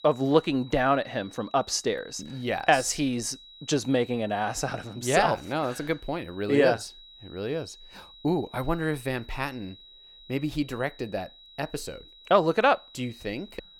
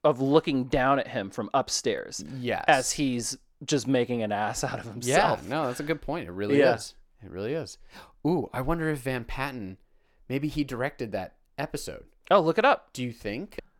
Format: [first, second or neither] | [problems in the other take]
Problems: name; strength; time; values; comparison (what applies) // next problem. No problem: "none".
second | high-pitched whine; faint; throughout; 4 kHz, 20 dB below the speech